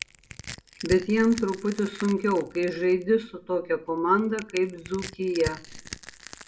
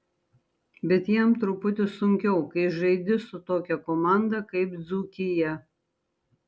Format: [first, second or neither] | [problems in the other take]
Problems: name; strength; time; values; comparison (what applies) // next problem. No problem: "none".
second | background sound (Crushing); 15 dB below the speech // room echo; dies away in 0.3 s